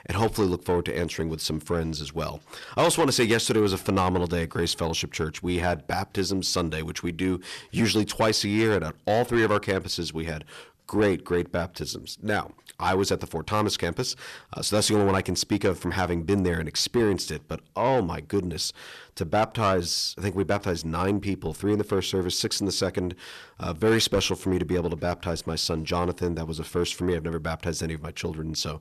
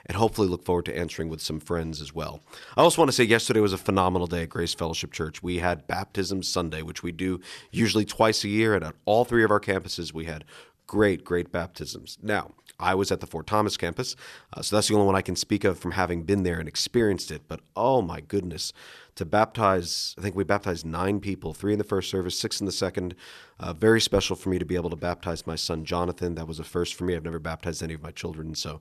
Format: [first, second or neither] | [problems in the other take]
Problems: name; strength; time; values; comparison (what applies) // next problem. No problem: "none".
second | distortion; slight; 10 dB below the speech